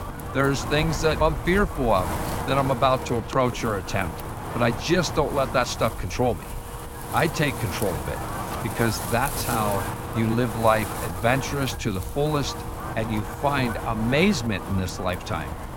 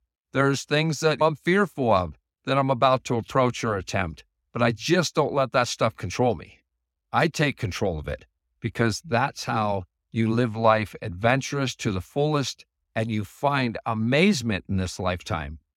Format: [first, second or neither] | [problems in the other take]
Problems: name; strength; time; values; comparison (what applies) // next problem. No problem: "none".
second | wind noise on the microphone; heavy; 8 dB below the speech